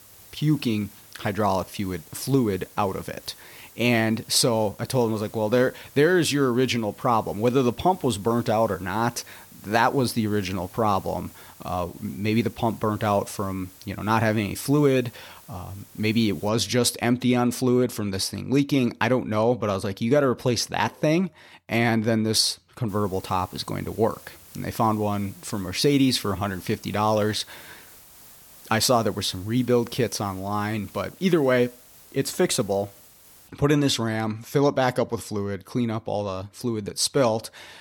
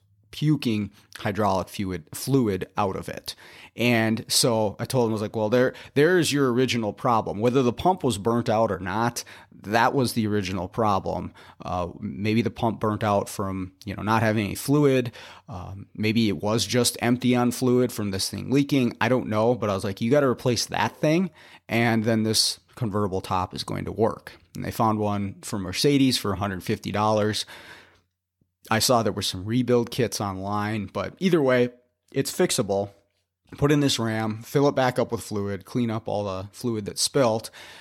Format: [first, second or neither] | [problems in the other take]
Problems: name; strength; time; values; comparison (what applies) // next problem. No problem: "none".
second | hiss; faint; until 16 s and from 23 to 33 s; 20 dB below the speech